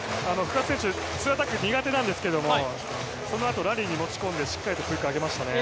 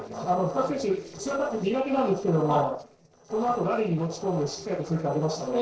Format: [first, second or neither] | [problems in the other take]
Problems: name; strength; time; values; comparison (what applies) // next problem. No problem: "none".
first | noise reduction (neural separator model SepFormer DNS4)